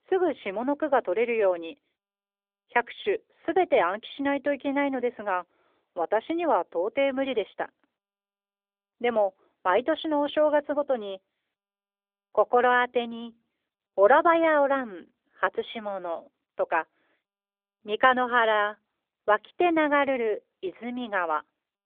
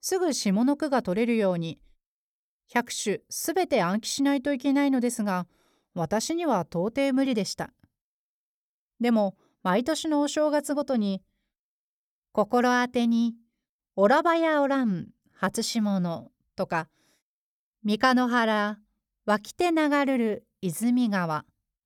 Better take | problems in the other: second | phone-call audio; nothing above 3.5 kHz

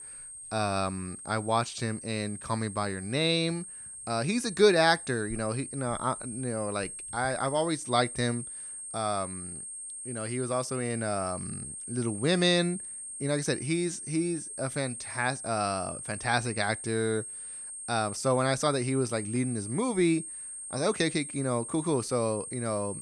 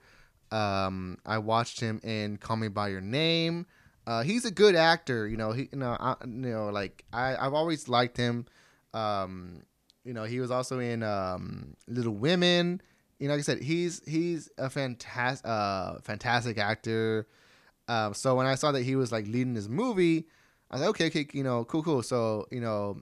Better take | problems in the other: second | high-pitched whine; loud; throughout; 8.5 kHz, 8 dB below the speech

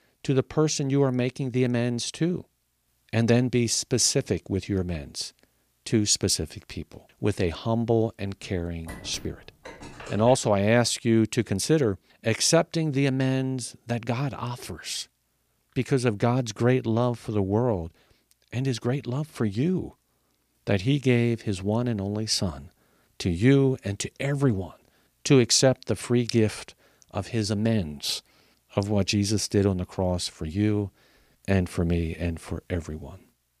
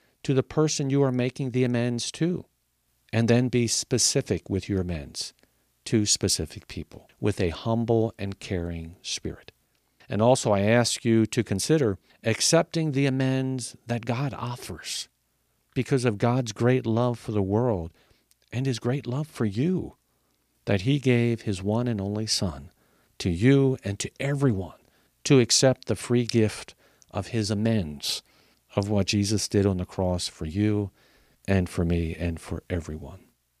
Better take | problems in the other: second | phone ringing; faint; from 9 to 10 s; peak 15 dB below the speech

